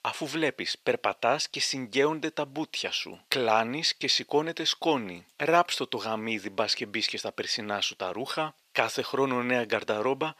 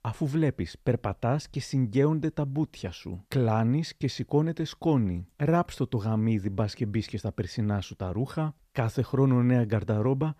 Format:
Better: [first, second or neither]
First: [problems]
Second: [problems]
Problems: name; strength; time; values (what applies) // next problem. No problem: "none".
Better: second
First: thin; very; fading below 550 Hz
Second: none